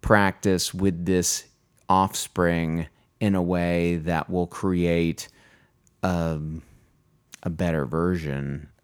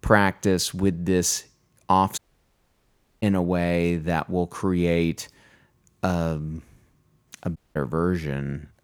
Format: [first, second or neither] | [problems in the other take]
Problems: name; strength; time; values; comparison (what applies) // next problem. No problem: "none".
first | audio cutting out; at 2 s for 1 s and at 7.5 s